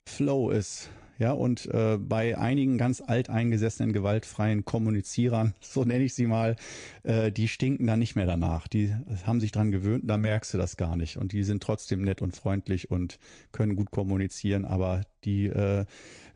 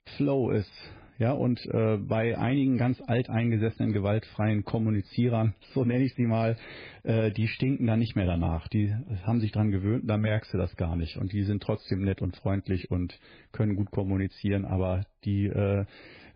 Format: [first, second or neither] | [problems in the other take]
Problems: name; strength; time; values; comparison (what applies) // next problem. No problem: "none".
first | garbled, watery; badly; slightly in the first